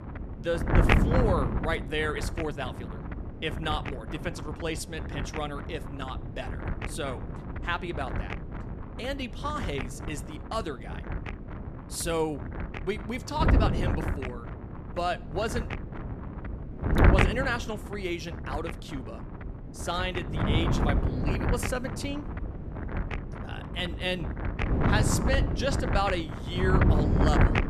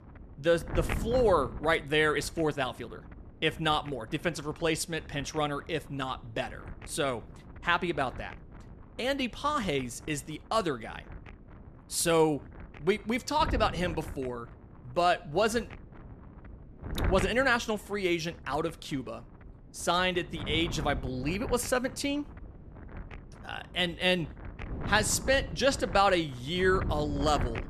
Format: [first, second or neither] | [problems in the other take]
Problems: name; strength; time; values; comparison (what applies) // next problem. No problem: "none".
second | wind noise on the microphone; heavy; 2 dB below the speech; occasional gusts in the second